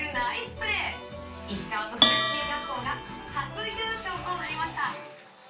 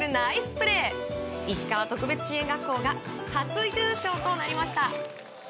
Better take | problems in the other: second | background sound (Bell); 3 dB above the speech // room echo; dies away in 0.3 s

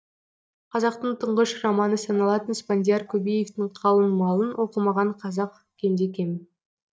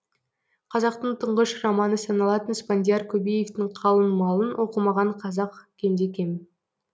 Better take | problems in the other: second | noise reduction (neural mask model DeepFilterNet 3)

